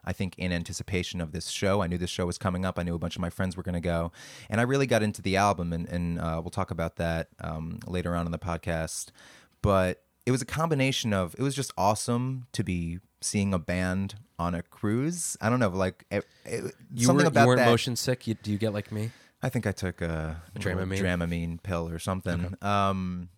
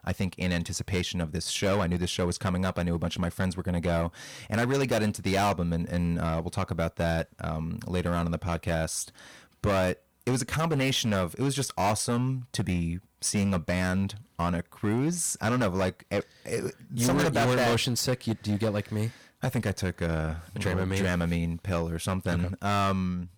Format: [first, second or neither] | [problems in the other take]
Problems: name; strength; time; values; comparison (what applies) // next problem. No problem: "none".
first | distortion; heavy; 10% of the sound clipped